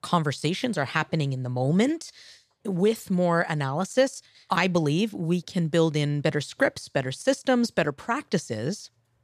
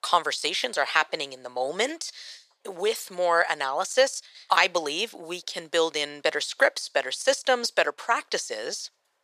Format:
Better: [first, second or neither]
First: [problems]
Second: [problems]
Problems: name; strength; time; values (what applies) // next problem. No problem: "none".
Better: first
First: none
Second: thin; very; fading below 550 Hz